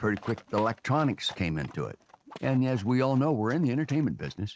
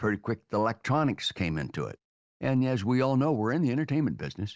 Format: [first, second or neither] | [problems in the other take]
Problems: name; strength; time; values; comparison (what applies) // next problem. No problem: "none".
second | noise reduction (neural mask model RNNoise)